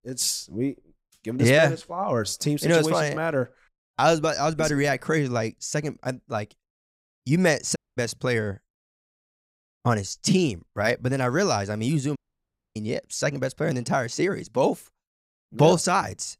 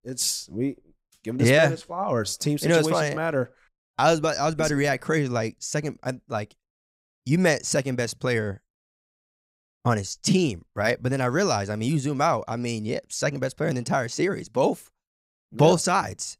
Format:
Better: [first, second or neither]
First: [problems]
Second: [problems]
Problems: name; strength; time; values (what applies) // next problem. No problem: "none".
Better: second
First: audio cutting out; at 8 s and at 12 s for 0.5 s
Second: none